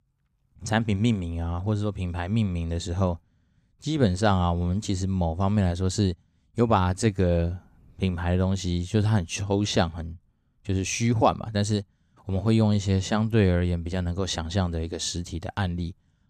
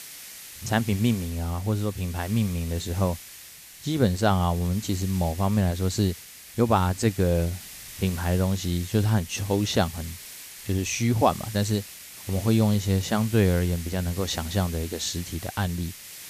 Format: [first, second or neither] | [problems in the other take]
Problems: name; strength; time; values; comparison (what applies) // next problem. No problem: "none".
first | hiss; noticeable; throughout; 15 dB below the speech